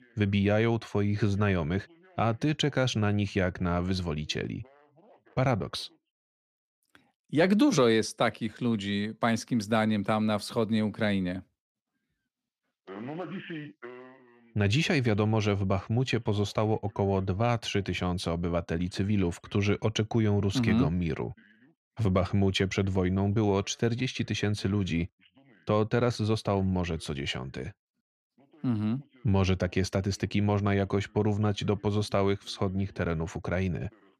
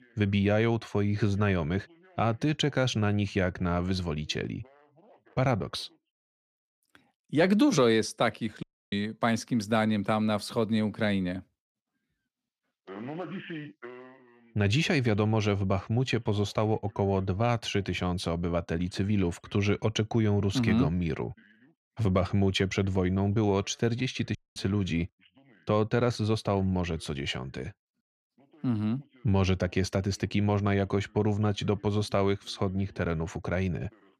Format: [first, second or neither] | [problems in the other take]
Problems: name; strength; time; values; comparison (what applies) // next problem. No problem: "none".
first | audio cutting out; at 8.5 s and at 24 s